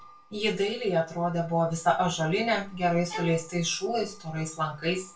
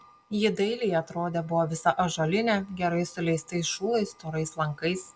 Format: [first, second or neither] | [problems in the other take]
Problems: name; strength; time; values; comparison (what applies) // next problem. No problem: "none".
second | background sound (Bowed string instrument); 14 dB below the speech // room echo; dies away in 0.3 s